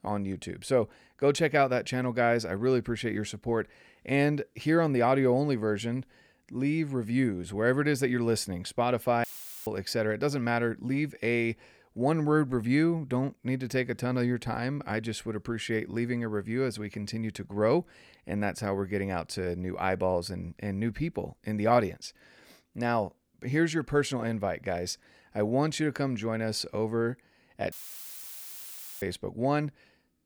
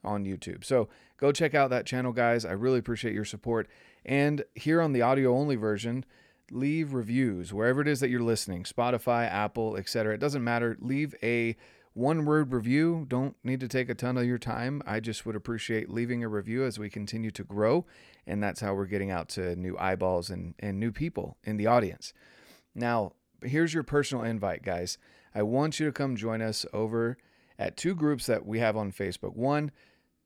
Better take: second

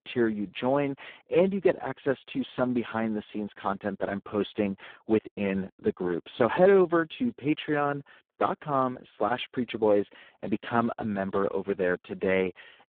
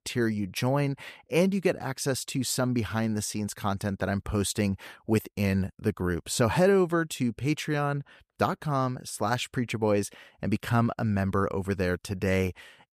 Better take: second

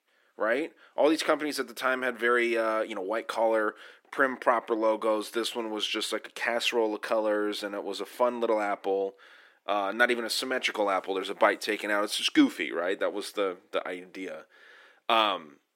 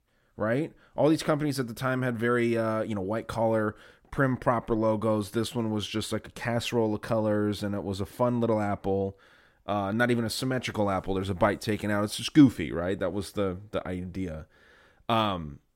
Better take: second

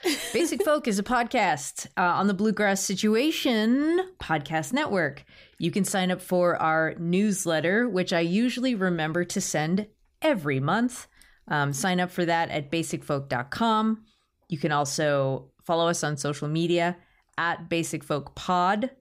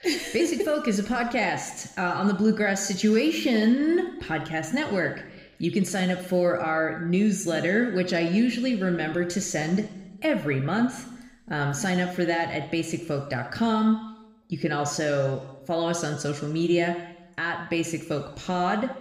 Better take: first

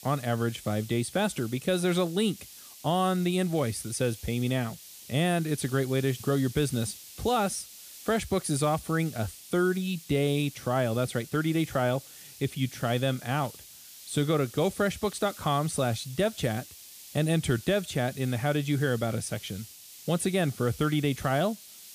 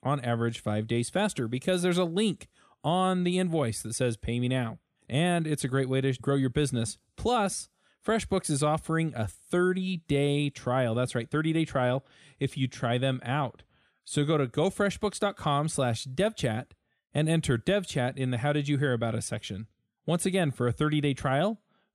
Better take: second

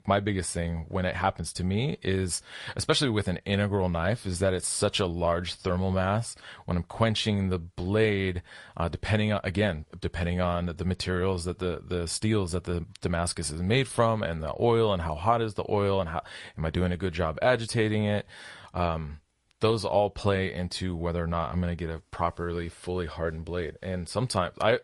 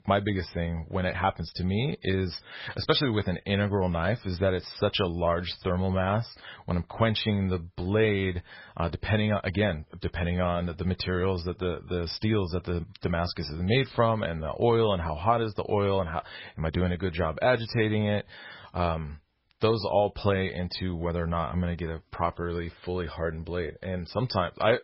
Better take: first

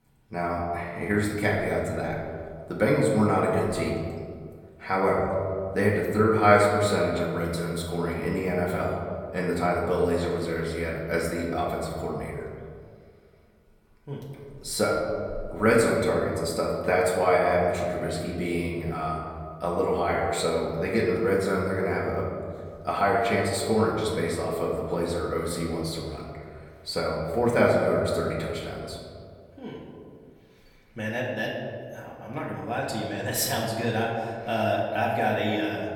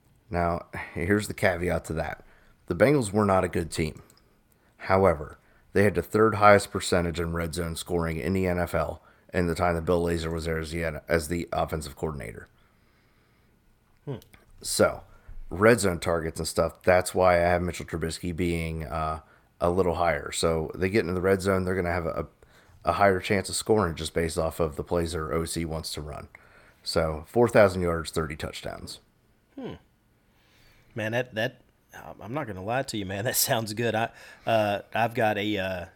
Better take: second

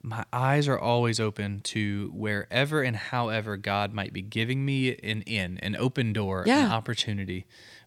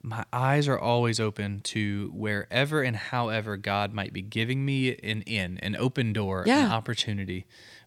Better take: neither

